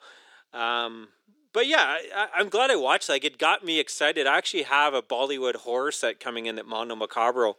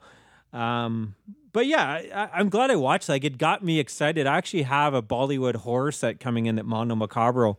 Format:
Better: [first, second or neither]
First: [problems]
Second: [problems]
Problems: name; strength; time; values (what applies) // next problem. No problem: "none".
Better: second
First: thin; very; fading below 350 Hz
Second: none